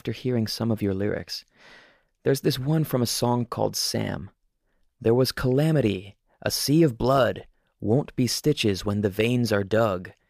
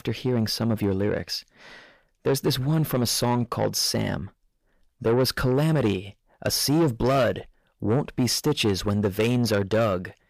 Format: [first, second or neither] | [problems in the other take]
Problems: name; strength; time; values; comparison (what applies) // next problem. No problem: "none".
first | distortion; slight; 10 dB below the speech